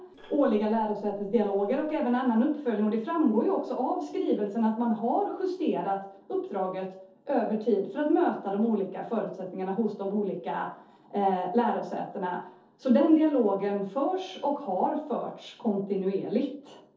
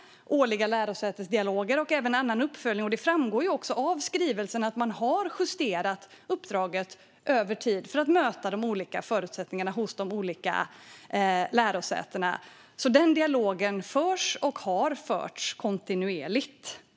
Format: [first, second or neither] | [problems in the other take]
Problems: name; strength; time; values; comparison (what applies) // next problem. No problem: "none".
second | noise reduction (neural separator model SepFormer DNS4)